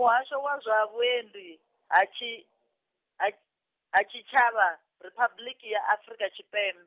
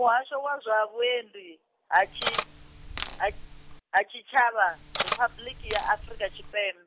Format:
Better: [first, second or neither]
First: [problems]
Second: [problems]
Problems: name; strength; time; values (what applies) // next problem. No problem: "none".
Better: first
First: none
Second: background sound (Cutlery, silverware); 7 dB below the speech